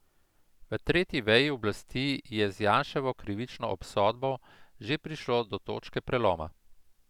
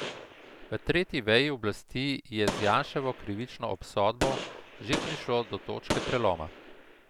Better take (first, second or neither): first